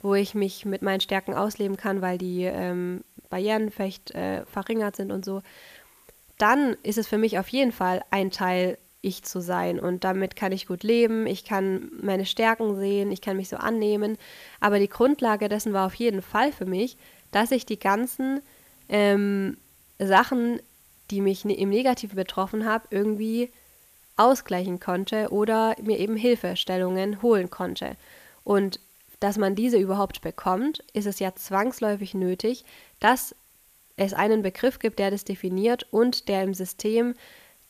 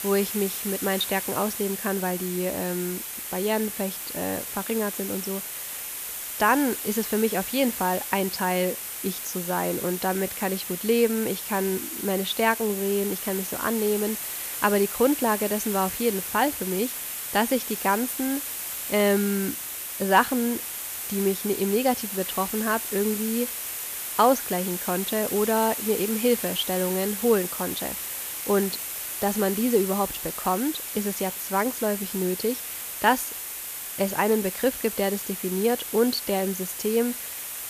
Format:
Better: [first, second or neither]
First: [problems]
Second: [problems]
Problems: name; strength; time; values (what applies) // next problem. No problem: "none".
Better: first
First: hiss; faint; throughout; 30 dB below the speech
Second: hiss; loud; throughout; 4 dB below the speech